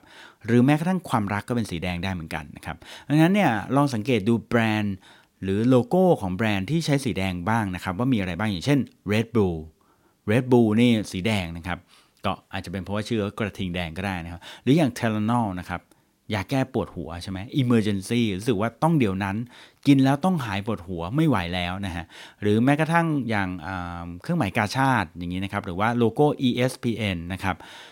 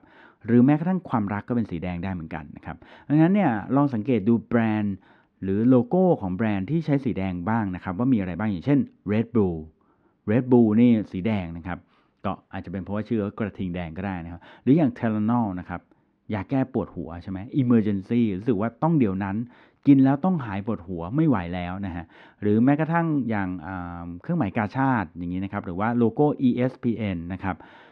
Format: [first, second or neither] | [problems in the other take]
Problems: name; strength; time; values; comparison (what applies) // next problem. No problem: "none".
first | muffled; very; fading above 2 kHz